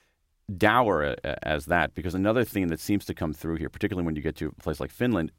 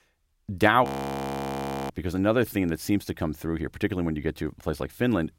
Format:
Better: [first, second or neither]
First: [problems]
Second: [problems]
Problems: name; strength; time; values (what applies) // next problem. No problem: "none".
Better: first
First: none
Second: audio freezing; at 1 s for 1 s